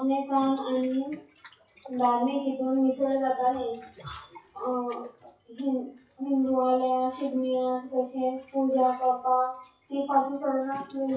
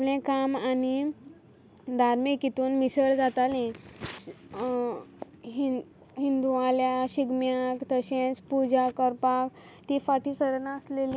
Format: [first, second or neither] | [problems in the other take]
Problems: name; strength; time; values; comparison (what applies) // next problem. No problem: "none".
second | noise reduction (classical method WPE with log-MMSE)